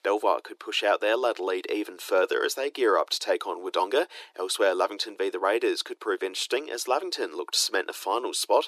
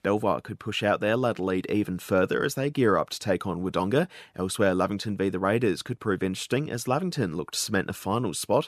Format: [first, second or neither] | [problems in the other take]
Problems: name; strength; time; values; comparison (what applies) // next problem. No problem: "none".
second | thin; very; fading below 350 Hz